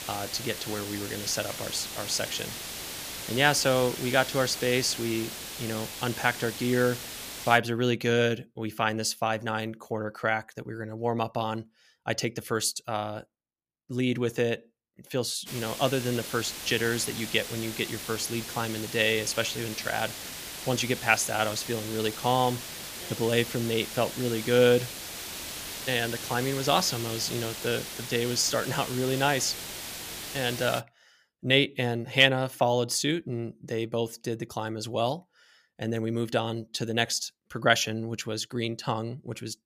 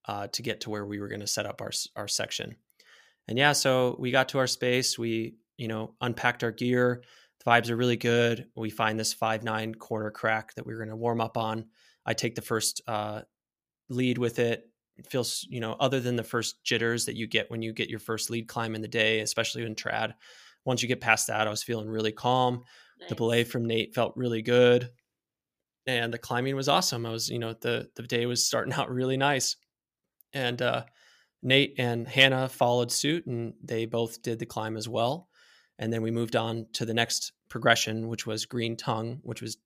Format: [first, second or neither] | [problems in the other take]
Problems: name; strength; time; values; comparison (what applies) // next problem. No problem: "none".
second | hiss; loud; until 7.5 s and from 15 to 31 s; 8 dB below the speech